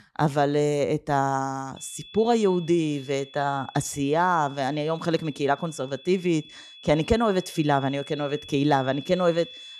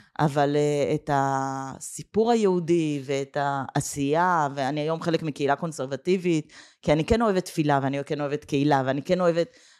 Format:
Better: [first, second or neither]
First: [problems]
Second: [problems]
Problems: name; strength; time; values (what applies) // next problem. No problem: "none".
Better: second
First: high-pitched whine; noticeable; from 2 s on; 3.5 kHz, 20 dB below the speech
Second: none